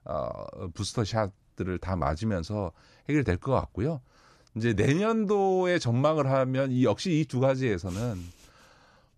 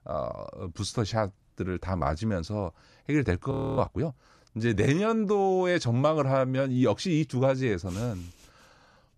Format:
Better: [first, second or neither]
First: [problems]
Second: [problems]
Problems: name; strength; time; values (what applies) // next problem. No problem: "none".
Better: first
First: none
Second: audio freezing; at 3.5 s